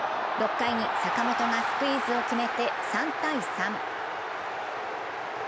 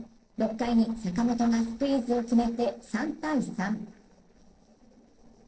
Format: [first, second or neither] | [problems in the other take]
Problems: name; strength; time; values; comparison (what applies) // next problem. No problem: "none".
first | noise reduction (neural separator model SepFormer DNS4)